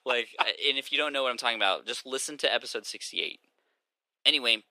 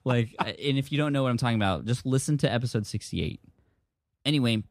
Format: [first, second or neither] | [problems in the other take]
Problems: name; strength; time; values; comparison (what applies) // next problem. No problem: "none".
second | thin; very; fading below 400 Hz